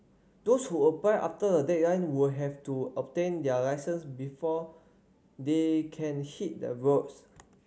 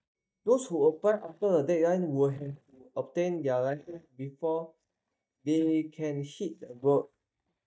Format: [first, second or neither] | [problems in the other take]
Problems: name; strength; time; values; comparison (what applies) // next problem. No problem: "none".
first | noise reduction (neural mask model DeepFilterNet 3)